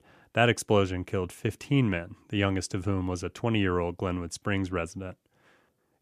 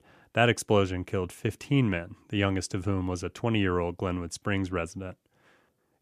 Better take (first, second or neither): neither